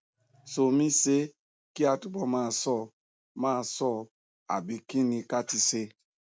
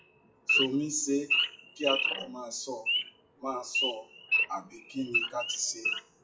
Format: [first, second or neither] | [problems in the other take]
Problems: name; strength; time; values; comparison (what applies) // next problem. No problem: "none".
first | noise reduction (classical method WPE with log-MMSE)